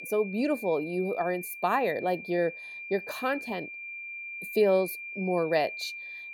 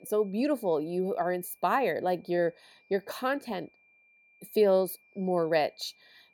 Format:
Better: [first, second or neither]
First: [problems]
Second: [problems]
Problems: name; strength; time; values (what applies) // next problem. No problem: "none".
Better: second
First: high-pitched whine; loud; throughout; 2.5 kHz, 10 dB below the speech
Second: high-pitched whine; faint; throughout; 2.5 kHz, 35 dB below the speech